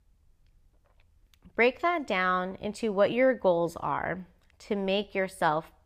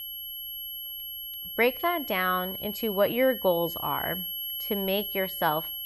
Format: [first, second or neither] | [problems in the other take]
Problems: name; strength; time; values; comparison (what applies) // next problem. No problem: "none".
first | high-pitched whine; loud; throughout; 3 kHz, 5 dB below the speech